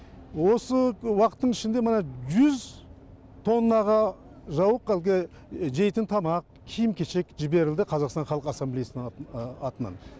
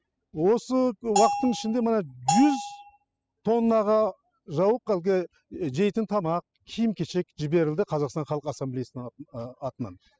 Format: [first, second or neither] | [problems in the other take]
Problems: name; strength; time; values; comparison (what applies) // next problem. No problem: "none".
first | noise reduction (classical method spectral subtraction)